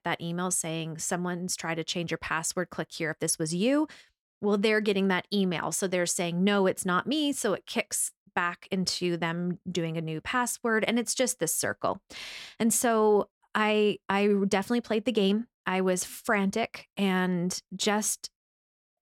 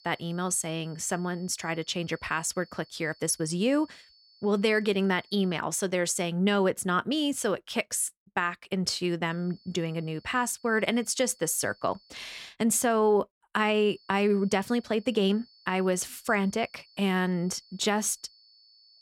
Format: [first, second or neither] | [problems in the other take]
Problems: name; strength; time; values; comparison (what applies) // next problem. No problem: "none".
first | high-pitched whine; faint; until 5.5 s, from 9.5 to 12 s and from 14 s on; 4.5 kHz, 30 dB below the speech